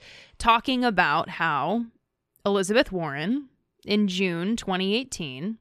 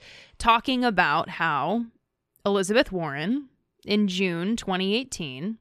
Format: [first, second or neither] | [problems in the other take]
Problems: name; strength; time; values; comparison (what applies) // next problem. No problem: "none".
neither | none